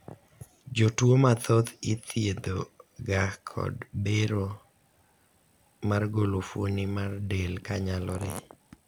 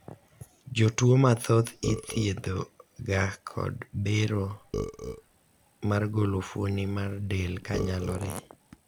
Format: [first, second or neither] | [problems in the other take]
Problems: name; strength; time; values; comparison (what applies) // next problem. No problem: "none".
first | background sound (Burping, eructation); 11 dB below the speech